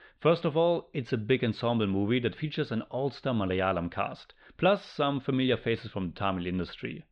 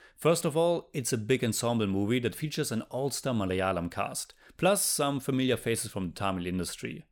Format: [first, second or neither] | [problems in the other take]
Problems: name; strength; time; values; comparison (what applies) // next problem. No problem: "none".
second | muffled; very; fading above 3.5 kHz